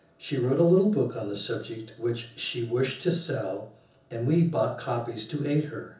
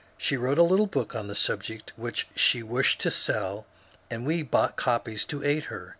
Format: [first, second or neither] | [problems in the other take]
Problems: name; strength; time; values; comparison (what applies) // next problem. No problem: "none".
second | room echo; dies away in 0.6 s